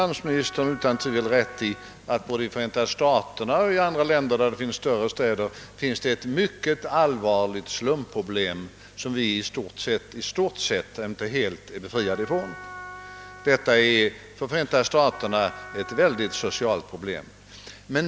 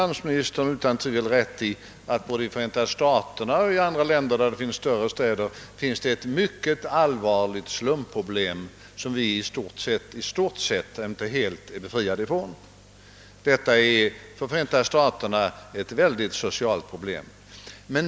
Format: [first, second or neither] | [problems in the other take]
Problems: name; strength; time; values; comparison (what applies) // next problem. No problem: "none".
second | background sound (Wind instrument, woodwind instrument); 17 dB below the speech